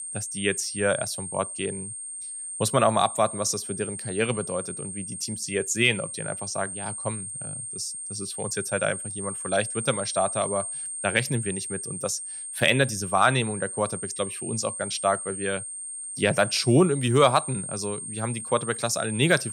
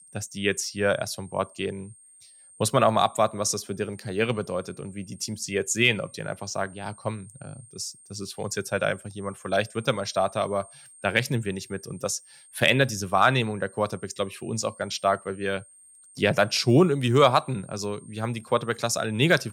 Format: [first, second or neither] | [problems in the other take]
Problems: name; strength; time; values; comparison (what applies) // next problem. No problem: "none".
second | high-pitched whine; loud; throughout; 8.5 kHz, 6 dB below the speech; faint in the second